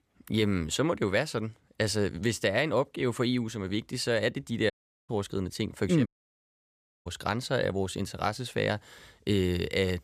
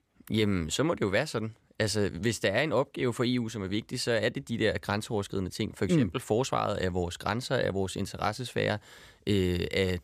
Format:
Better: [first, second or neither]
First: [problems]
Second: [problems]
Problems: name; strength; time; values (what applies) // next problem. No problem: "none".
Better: second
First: audio cutting out; at 4.5 s and at 6 s for 1 s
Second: none